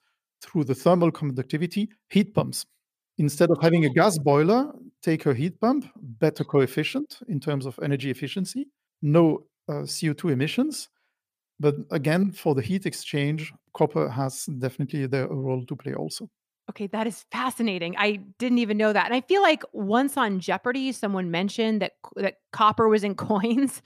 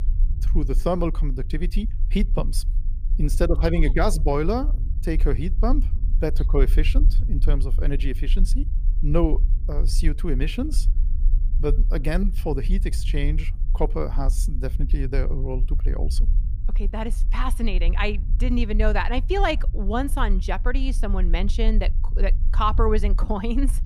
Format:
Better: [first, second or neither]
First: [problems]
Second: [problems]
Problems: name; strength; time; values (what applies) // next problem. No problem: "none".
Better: first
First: none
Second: low rumble; noticeable; throughout; 20 dB below the speech